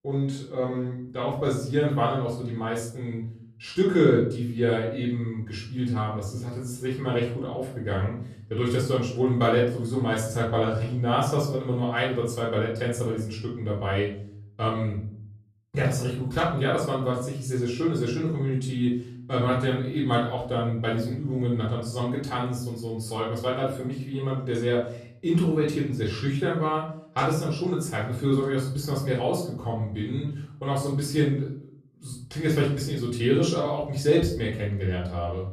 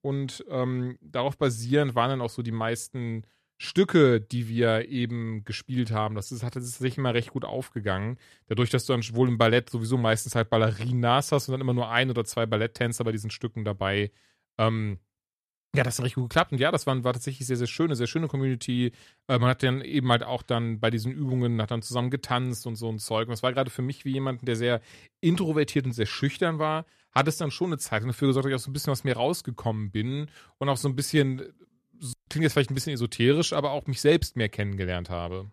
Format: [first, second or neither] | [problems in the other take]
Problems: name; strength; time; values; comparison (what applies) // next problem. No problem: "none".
second | off-mic speech; far // room echo; noticeable; dies away in 0.6 s